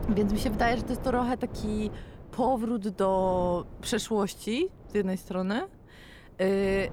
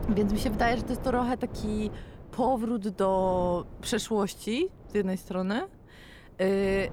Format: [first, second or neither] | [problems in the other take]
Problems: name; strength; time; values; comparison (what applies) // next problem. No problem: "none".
neither | wind noise on the microphone; occasional gusts; 15 dB below the speech; the same in both